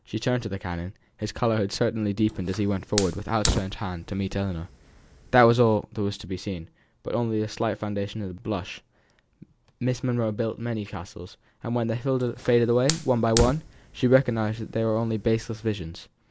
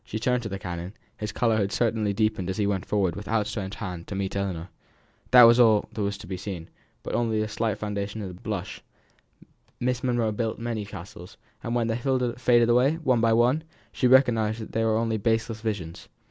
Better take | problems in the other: second | background sound (Fire); 8 dB below the speech

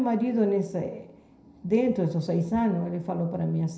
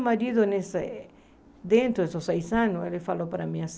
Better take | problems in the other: second | room echo; dies away in 0.5 s

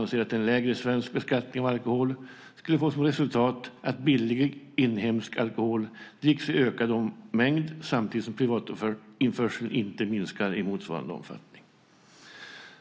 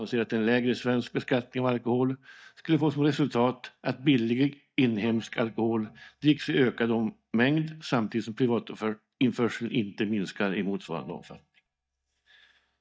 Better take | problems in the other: first | noise reduction (neural mask model DeepFilterNet 3)

